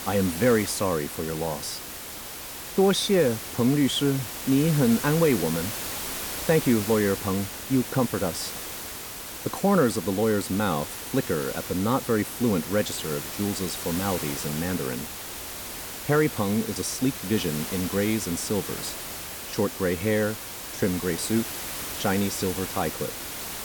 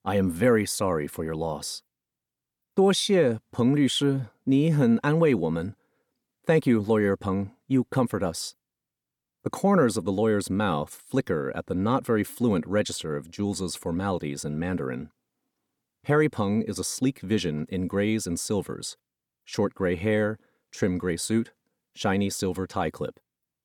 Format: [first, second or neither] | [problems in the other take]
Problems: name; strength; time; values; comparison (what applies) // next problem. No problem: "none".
second | hiss; loud; throughout; 7 dB below the speech